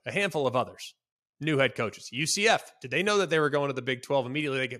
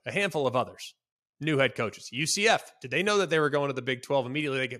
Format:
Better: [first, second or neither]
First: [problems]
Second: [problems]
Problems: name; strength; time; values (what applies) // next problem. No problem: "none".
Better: neither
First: none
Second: none